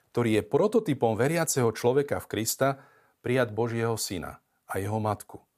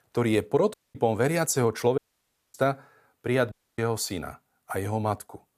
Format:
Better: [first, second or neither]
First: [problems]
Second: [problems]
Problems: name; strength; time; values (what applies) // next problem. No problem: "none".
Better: first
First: none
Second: audio cutting out; at 0.5 s, at 2 s for 0.5 s and at 3.5 s